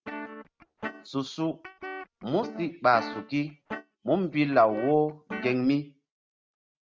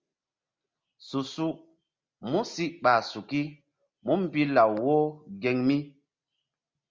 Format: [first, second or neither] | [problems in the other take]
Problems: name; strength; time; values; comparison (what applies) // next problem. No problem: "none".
second | noise reduction (neural mask model RNNoise)